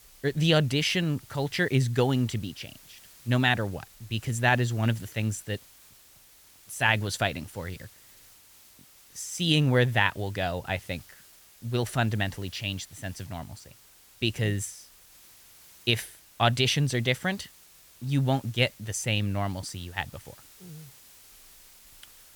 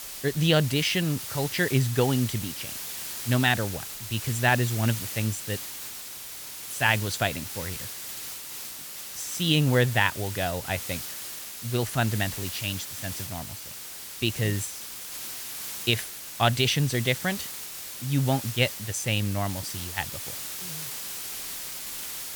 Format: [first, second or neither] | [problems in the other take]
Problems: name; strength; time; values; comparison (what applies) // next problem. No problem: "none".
first | hiss; loud; throughout; 7 dB below the speech; faint in the first